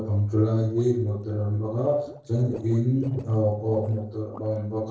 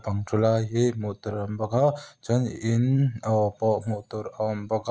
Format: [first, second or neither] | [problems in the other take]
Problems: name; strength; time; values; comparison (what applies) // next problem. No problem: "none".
second | noise reduction (neural separator model SepFormer DNS4)